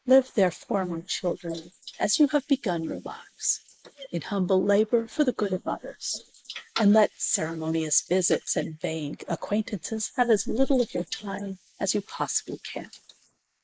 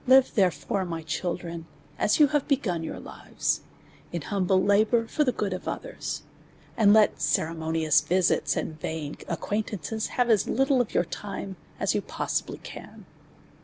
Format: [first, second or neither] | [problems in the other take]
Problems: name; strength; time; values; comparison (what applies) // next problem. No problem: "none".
second | noise reduction (neural mask model Resemble Enhance denoiser)